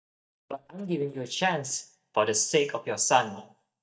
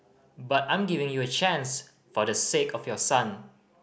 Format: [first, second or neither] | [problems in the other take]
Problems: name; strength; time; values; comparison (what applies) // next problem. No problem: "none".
second | noise reduction (neural mask model DeepFilterNet 3)